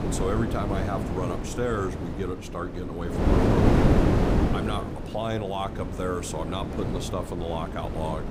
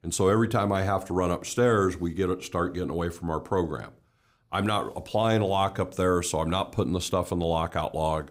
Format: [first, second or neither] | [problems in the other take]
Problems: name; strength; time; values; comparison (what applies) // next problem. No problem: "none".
second | wind noise on the microphone; heavy; 1 dB above the speech